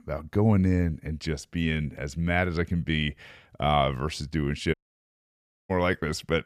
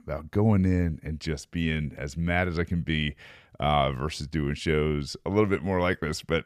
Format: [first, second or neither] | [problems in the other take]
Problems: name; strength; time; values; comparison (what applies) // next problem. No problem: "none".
second | audio cutting out; at 4.5 s for 1 s